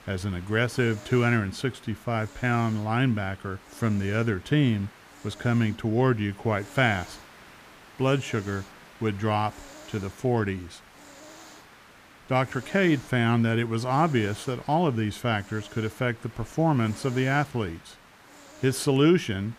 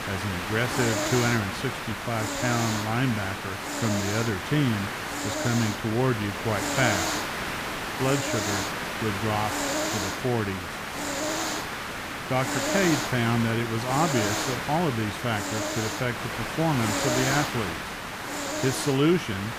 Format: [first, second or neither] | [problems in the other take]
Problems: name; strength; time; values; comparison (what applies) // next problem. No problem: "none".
first | hiss; loud; throughout; 1 dB below the speech; faint in the first